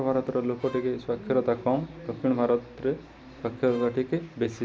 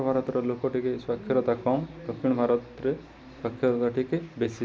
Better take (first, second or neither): second